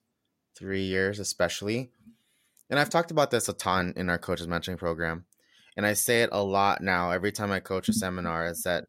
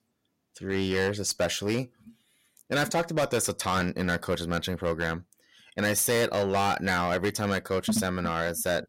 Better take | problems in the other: first | distortion; heavy; 8% of the sound clipped

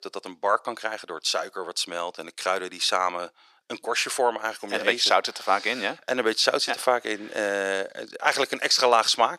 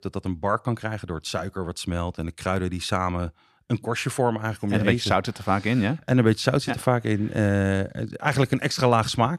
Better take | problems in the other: second | thin; very; fading below 450 Hz

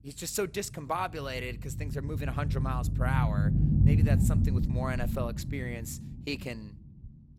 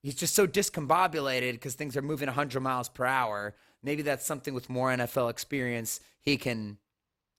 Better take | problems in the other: second | low rumble; loud; throughout; 4 dB below the speech

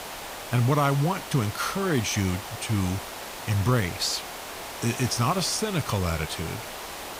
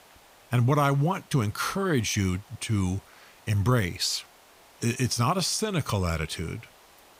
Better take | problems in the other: second | hiss; loud; throughout; 9 dB below the speech; faint in the second

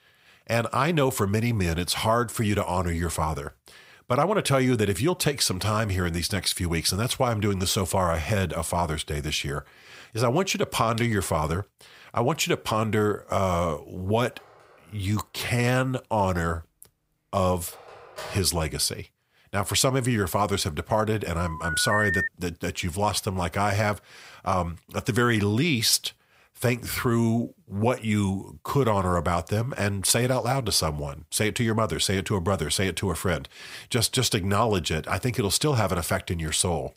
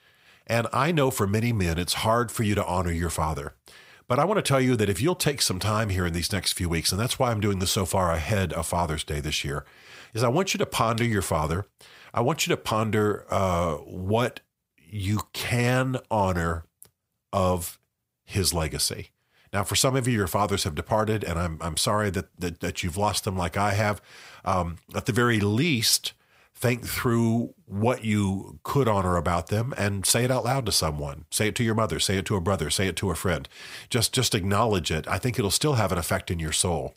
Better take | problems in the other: second | phone ringing; faint; from 14 to 18 s; peak 15 dB below the speech // phone ringing; loud; at 21 s; peak 1 dB above the speech

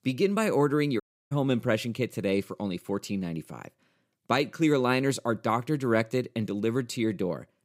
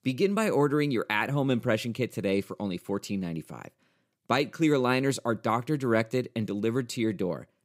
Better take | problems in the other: second | audio cutting out; at 1 s

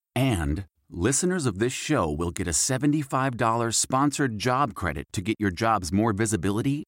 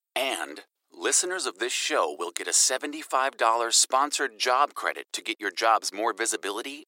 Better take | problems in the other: first | thin; very; fading below 400 Hz

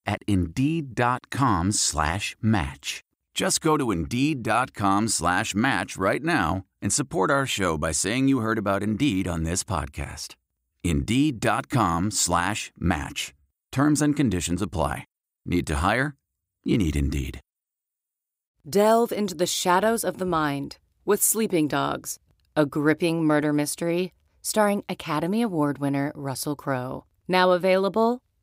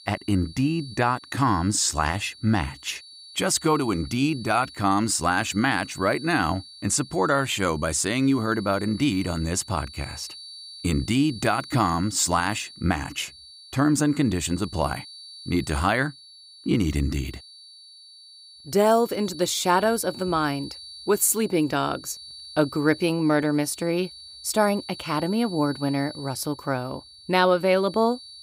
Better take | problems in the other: first | high-pitched whine; noticeable; throughout; 4.5 kHz, 15 dB below the speech

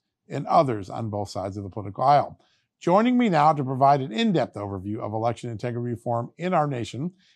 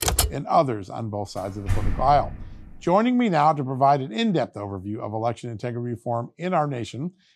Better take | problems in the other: first | keyboard typing; loud; at the start; peak 2 dB above the speech // door banging; noticeable; at 1.5 s; peak 4 dB below the speech

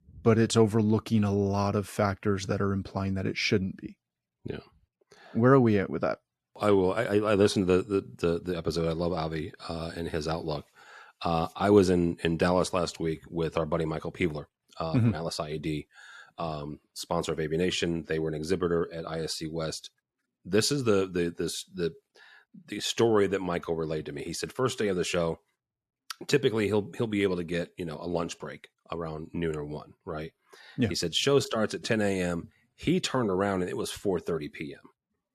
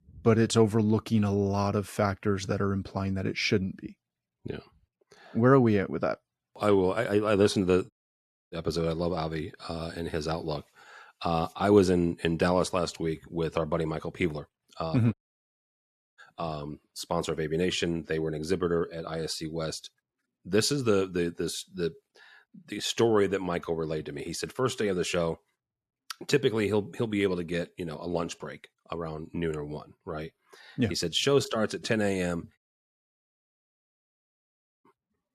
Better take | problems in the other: first | audio cutting out; at 8 s for 0.5 s, at 15 s for 1 s and at 33 s for 2.5 s

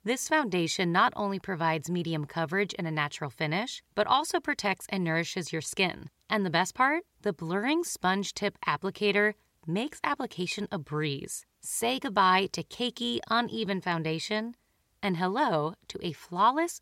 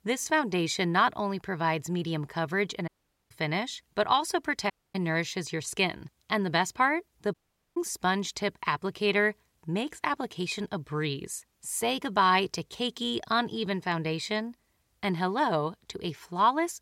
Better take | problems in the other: first | audio cutting out; at 3 s, at 4.5 s and at 7.5 s

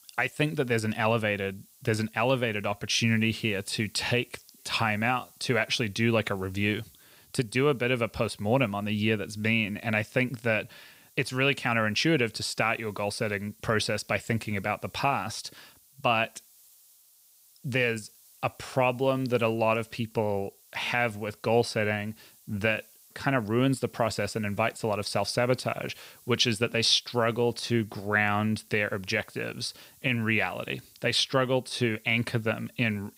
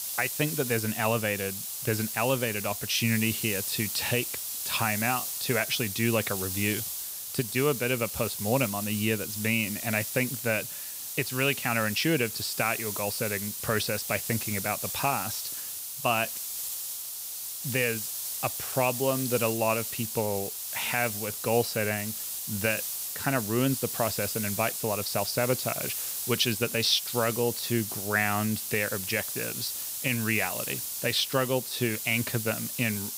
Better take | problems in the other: first | hiss; loud; throughout; 3 dB below the speech; faint in the first

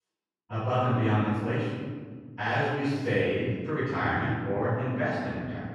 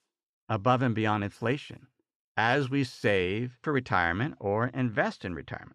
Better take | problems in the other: second | off-mic speech; far // room echo; strong; dies away in 1.8 s

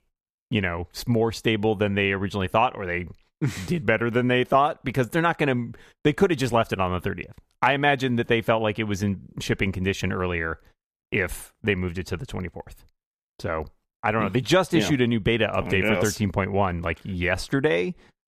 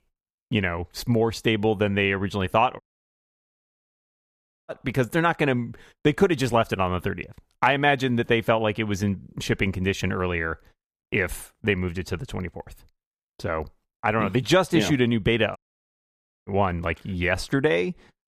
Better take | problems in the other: first | audio cutting out; at 3 s for 2 s and at 16 s for 1 s

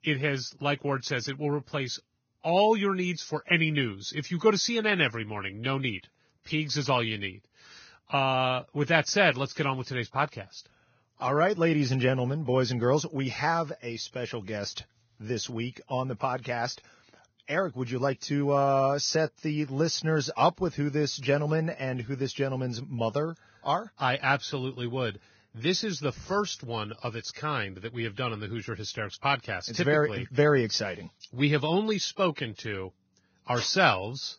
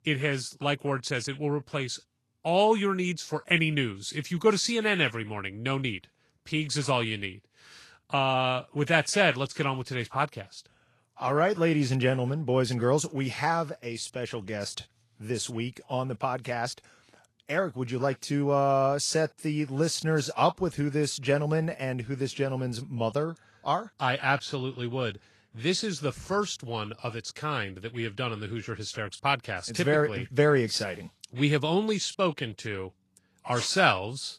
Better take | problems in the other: second | garbled, watery; badly; nothing above 6.5 kHz; slightly in the second

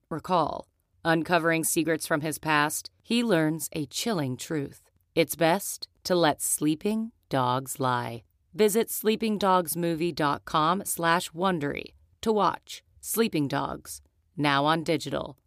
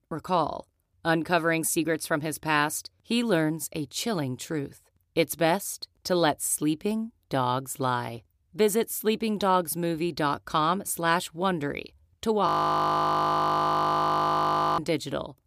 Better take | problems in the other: first | audio freezing; at 12 s for 2.5 s

